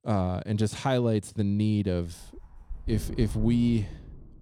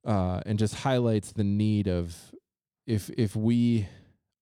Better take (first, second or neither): second